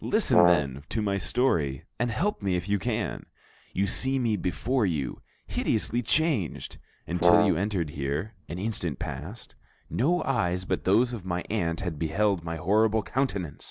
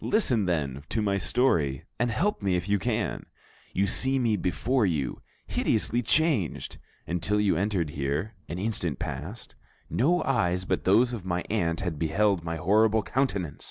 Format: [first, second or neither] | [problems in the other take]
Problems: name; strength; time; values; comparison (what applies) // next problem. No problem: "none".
second | background sound (Brass instrument); 2 dB above the speech